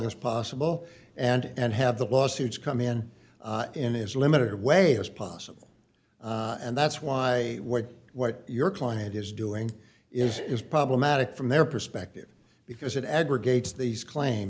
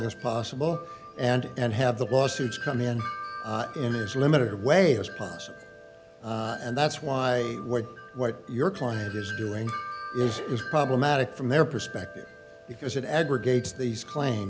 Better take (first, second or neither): first